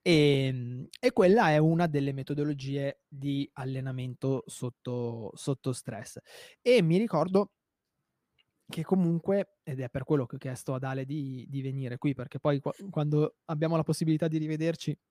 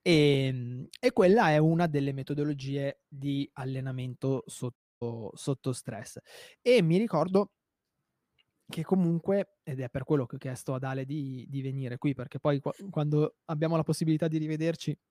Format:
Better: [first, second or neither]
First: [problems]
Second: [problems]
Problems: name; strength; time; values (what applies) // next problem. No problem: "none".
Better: first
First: none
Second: audio cutting out; at 5 s